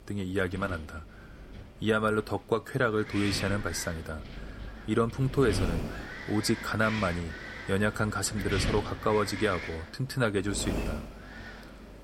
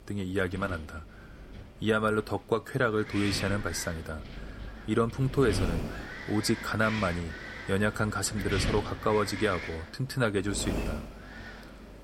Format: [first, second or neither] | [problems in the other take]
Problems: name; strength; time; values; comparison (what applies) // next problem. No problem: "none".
neither | wind noise on the microphone; heavy; 9 dB below the speech; the same in both